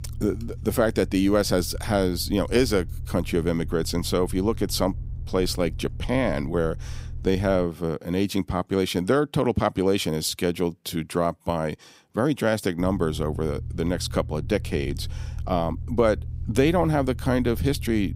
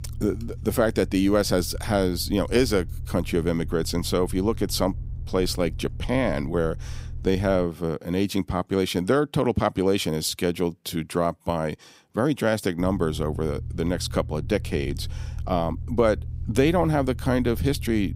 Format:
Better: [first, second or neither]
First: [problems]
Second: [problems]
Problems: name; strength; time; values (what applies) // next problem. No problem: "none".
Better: neither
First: low rumble; faint; until 7.5 s and from 13 s on; 25 dB below the speech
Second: low rumble; faint; until 7.5 s and from 13 s on; 25 dB below the speech